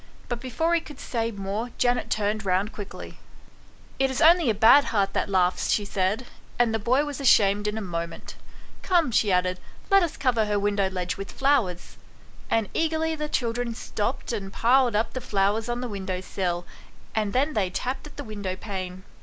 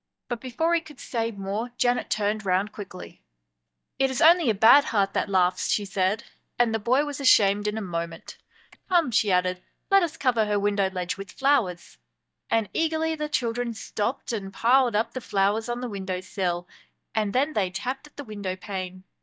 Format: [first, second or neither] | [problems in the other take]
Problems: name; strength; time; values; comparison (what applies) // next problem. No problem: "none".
first | noise reduction (neural mask model DeepFilterNet 3)